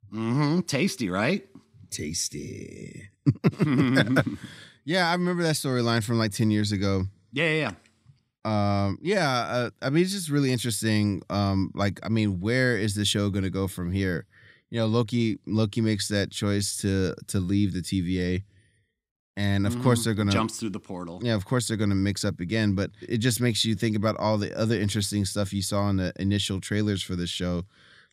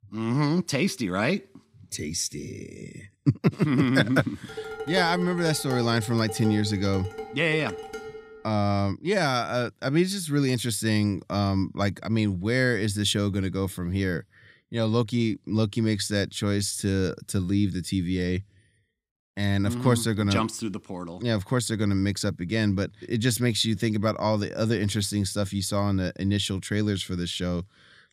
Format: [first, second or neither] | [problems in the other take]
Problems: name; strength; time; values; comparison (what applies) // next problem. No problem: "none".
first | clattering dishes; noticeable; from 4.5 to 8 s; peak 6 dB below the speech